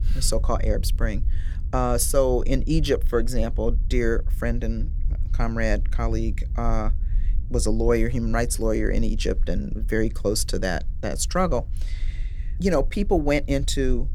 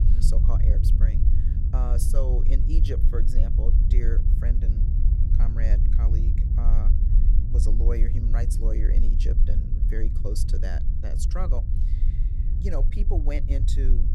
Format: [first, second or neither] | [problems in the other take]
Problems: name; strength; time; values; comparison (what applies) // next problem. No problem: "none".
first | low rumble; loud; throughout; 3 dB below the speech; faint in the first